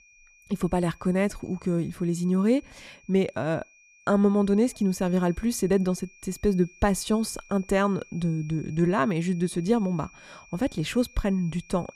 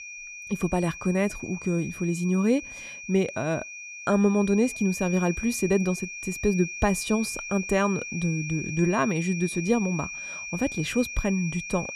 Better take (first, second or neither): first